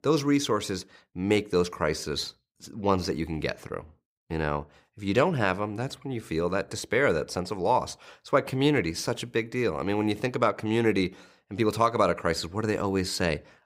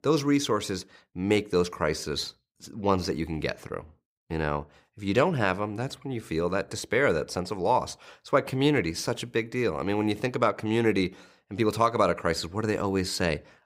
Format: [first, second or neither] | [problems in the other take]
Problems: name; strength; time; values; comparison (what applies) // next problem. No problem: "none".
neither | none